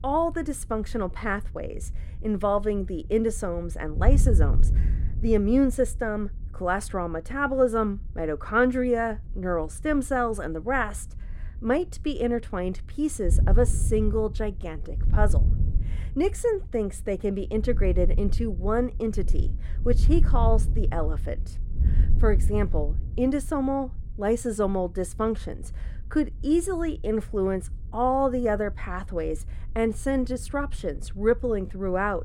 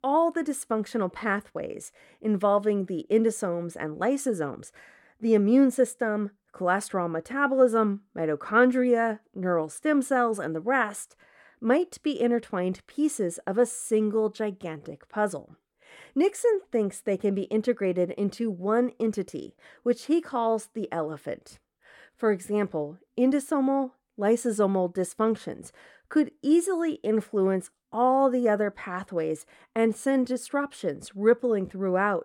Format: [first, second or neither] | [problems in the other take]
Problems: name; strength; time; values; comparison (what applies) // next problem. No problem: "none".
second | wind noise on the microphone; occasional gusts; 20 dB below the speech